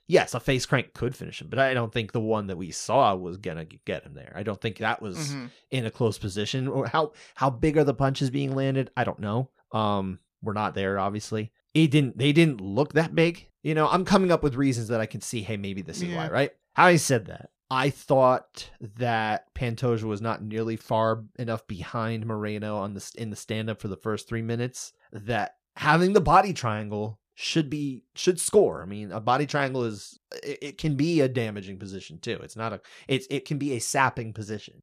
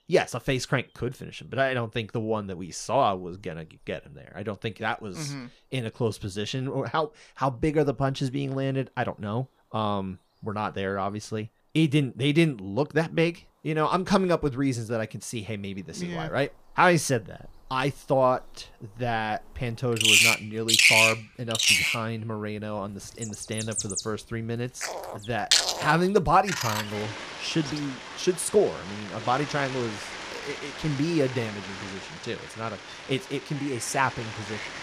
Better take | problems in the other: first | animal sounds; very loud; throughout; 3 dB above the speech

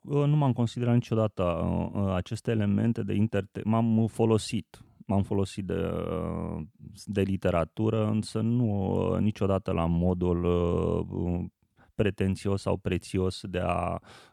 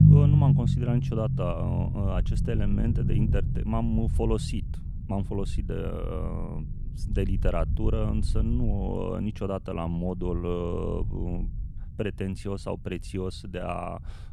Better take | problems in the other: first | low rumble; loud; throughout; 4 dB below the speech

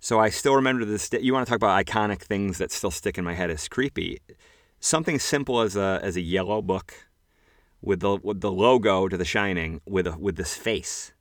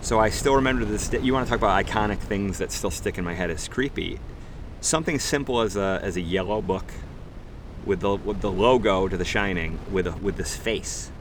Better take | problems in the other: first | wind noise on the microphone; occasional gusts; 20 dB below the speech

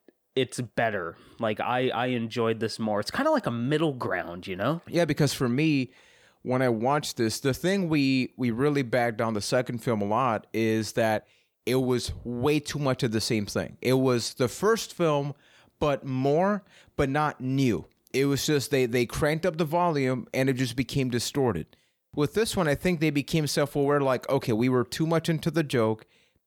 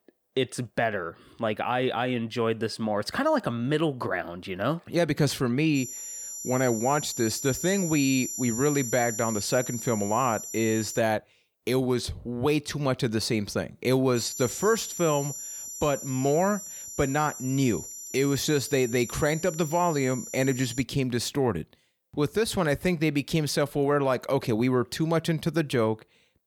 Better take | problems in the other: first | high-pitched whine; loud; from 6 to 11 s and from 14 to 21 s; 7 kHz, 8 dB below the speech

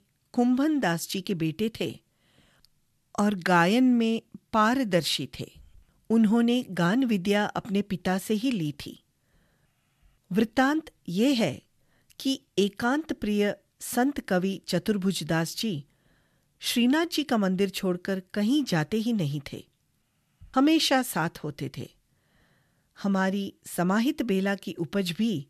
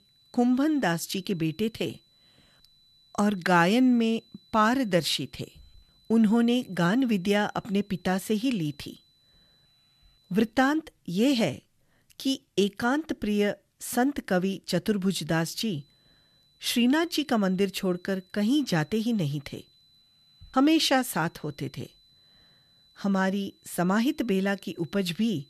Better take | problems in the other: first | high-pitched whine; faint; until 10 s and from 16 s on; 4 kHz, 35 dB below the speech

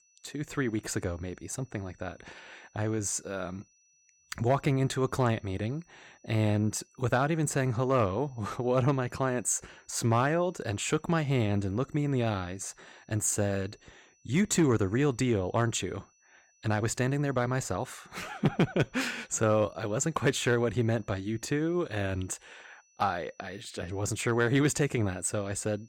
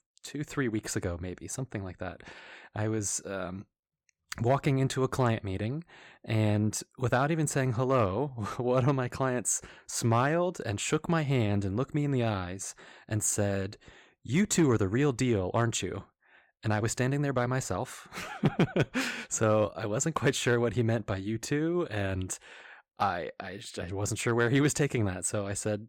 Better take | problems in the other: second | high-pitched whine; faint; throughout; 6 kHz, 35 dB below the speech

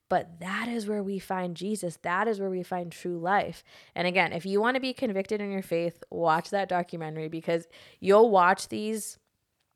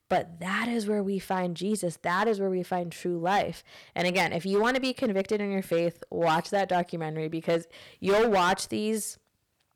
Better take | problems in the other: first | distortion; heavy; 6% of the sound clipped

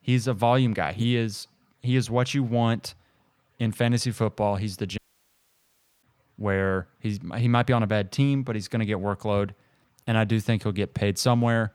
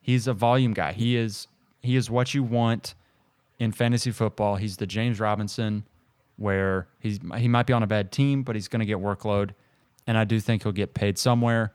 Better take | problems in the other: second | audio cutting out; at 5 s for 1 s

